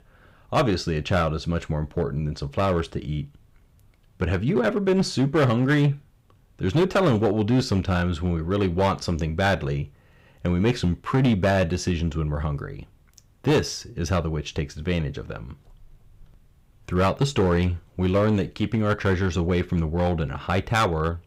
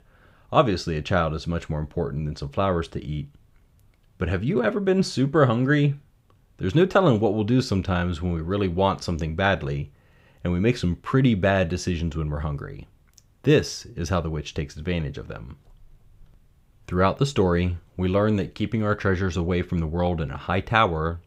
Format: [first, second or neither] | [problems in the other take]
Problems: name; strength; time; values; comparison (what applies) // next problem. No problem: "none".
second | distortion; slight; 4% of the sound clipped